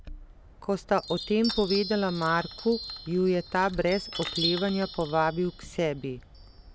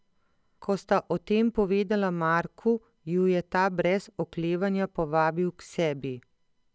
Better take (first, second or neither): second